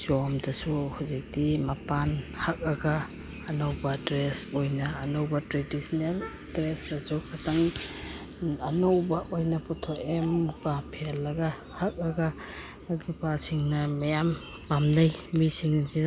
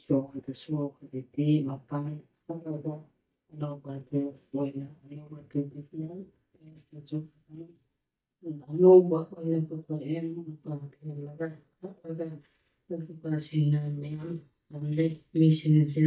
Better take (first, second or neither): first